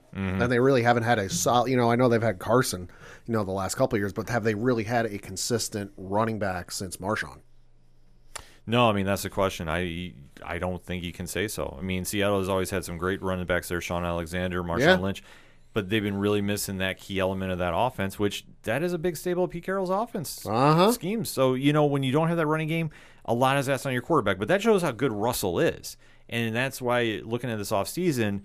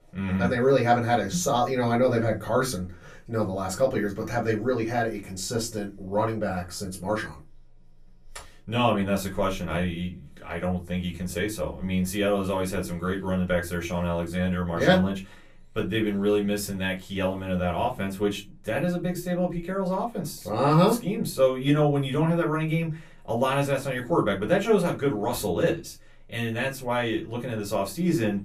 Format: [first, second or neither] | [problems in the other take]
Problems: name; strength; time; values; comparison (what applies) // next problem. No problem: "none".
first | off-mic speech; far // room echo; very slight; dies away in 0.2 s